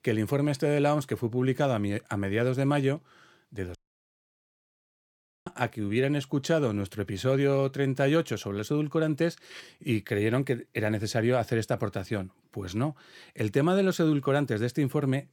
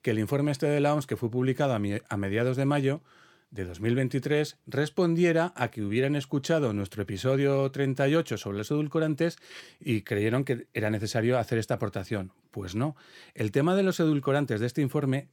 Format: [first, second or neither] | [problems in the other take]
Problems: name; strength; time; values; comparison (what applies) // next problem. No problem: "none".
second | audio cutting out; at 4 s for 1.5 s